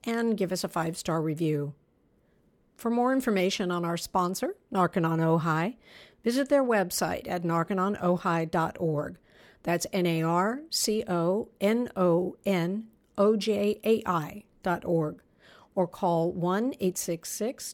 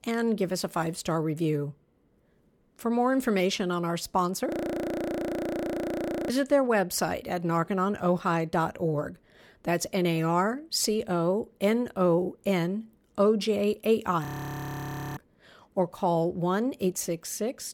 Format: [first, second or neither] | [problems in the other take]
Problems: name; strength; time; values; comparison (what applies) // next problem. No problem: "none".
first | audio freezing; at 4.5 s for 2 s and at 14 s for 1 s